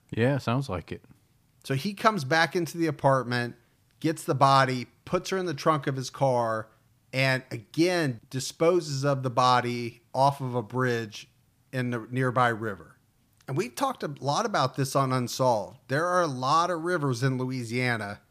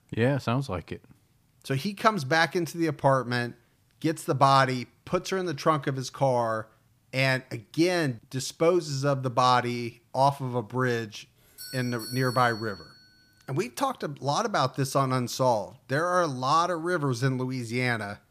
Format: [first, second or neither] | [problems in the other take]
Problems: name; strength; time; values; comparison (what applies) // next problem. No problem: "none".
first | doorbell; faint; from 12 to 13 s; peak 10 dB below the speech